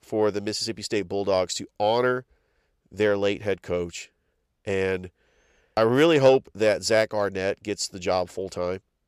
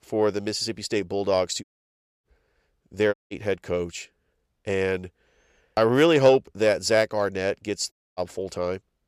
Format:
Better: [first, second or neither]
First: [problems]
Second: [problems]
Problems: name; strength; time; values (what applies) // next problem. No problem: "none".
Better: first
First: none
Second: audio cutting out; at 1.5 s for 0.5 s, at 3 s and at 8 s